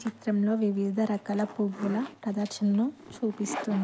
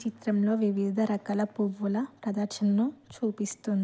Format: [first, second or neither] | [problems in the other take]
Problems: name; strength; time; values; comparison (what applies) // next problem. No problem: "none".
second | background sound (Zipper (clothing)); 15 dB below the speech